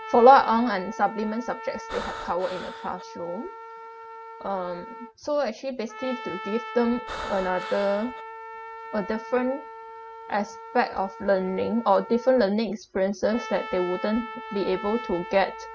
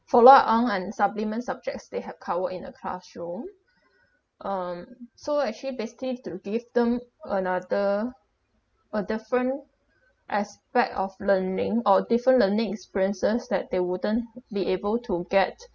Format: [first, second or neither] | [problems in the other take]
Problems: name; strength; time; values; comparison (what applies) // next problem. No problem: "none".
second | background sound (Trumpet + Breathing); 12 dB below the speech